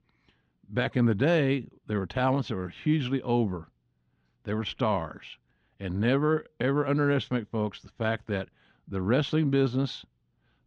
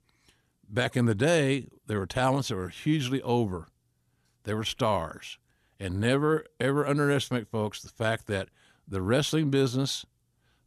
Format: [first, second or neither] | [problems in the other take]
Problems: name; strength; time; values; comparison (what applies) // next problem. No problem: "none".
second | muffled; slightly; fading above 3.5 kHz